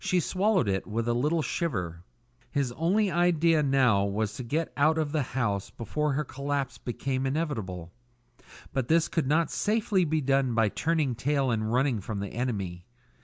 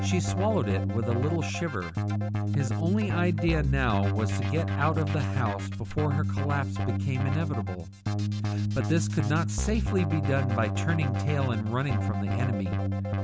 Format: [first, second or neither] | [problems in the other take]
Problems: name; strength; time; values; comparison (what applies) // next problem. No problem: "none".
first | background sound (Keyboard (musical)); 2 dB above the speech